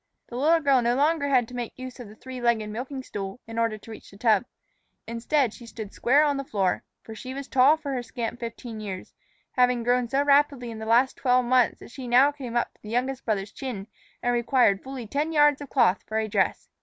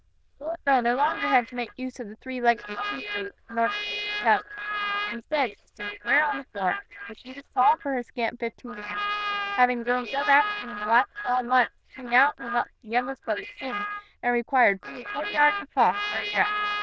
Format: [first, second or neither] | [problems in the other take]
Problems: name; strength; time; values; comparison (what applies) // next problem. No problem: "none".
first | noise reduction (neural diffusion model UNIVERSE++)